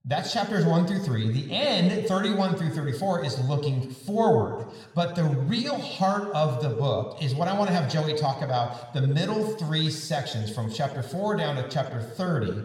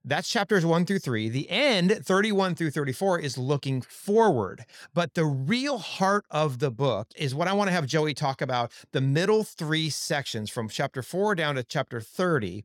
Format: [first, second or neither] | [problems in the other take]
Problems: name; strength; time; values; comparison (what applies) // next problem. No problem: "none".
second | room echo; slight; dies away in 0.9 s